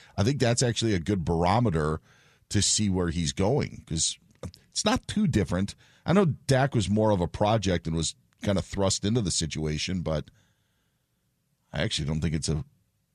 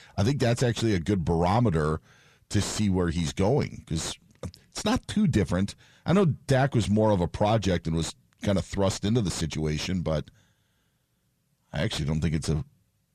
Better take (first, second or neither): first